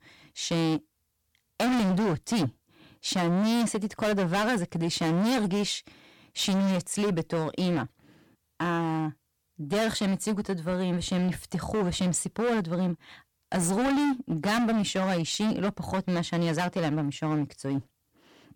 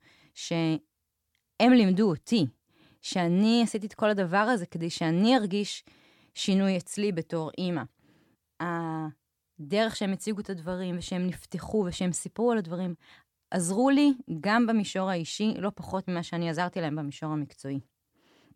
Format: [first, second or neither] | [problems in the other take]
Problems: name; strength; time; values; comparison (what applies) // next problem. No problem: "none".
second | distortion; heavy; 21% of the sound clipped